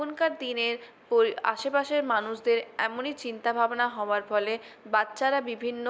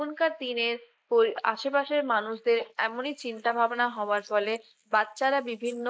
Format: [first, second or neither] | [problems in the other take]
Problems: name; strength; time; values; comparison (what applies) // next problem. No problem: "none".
first | noise reduction (neural mask model Resemble Enhance denoiser)